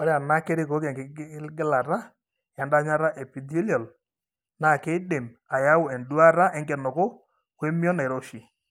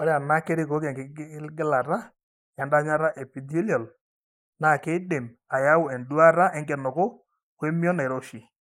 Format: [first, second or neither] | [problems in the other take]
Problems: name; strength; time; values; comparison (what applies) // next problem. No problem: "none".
first | noise reduction (neural mask model Resemble Enhance denoiser)